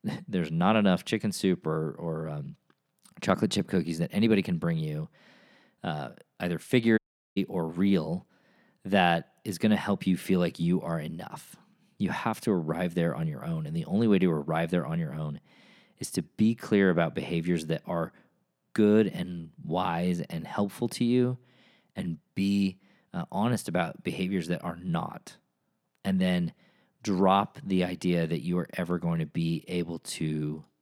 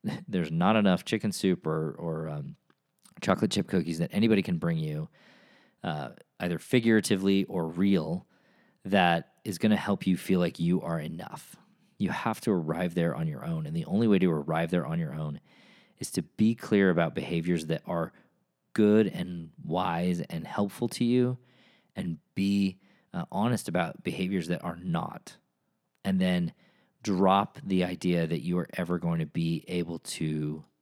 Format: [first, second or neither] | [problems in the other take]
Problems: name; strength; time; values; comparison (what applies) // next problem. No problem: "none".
second | audio cutting out; at 7 s